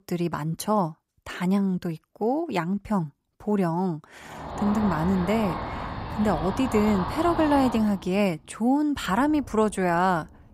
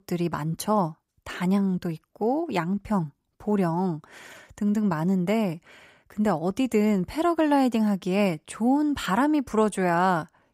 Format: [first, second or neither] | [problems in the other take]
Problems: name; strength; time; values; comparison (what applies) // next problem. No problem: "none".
second | rain or running water; loud; from 4.5 s on; 8 dB below the speech